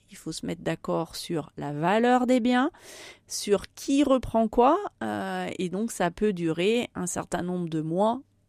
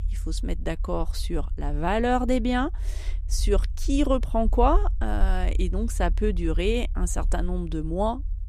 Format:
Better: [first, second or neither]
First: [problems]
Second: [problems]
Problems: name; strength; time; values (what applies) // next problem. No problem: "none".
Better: first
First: none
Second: low rumble; faint; throughout; 25 dB below the speech